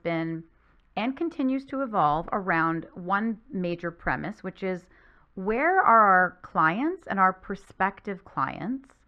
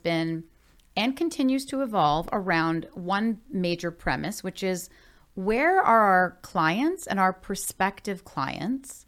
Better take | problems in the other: second | muffled; very; fading above 2 kHz

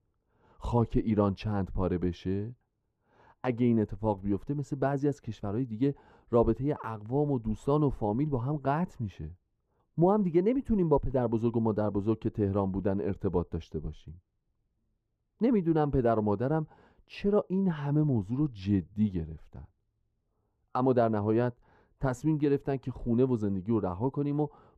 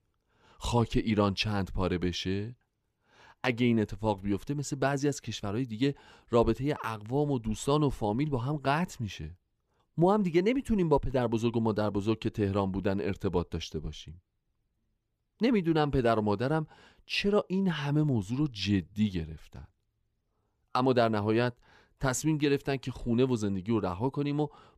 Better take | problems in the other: second | muffled; very; fading above 1.5 kHz

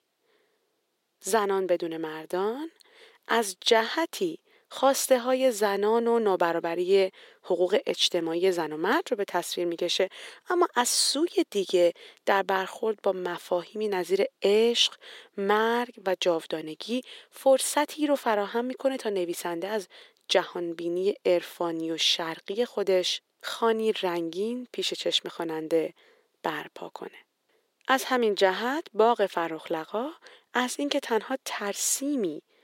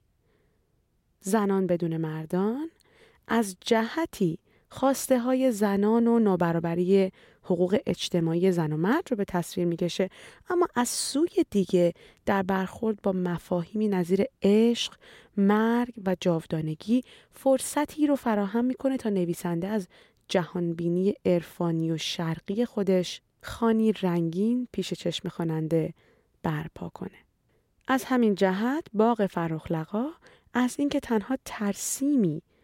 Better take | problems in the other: second | thin; somewhat; fading below 350 Hz

